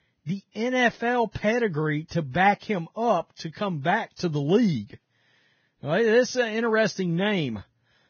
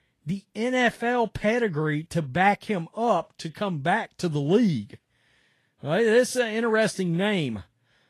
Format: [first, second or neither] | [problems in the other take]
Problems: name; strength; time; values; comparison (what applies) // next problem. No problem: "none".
second | garbled, watery; badly; nothing above 6.5 kHz; slightly in the second